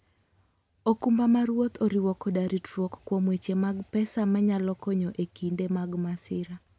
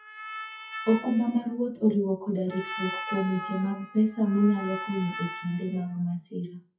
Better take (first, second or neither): first